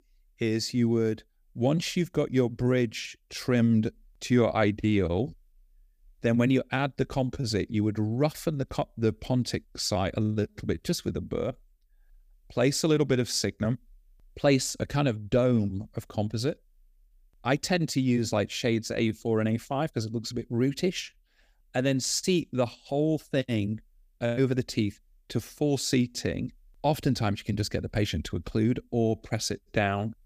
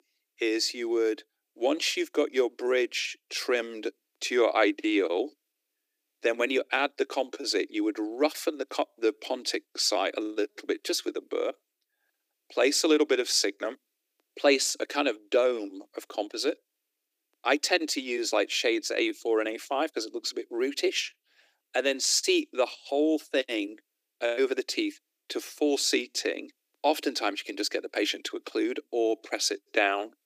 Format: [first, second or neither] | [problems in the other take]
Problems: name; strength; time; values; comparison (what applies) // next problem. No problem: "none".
first | thin; somewhat; fading below 300 Hz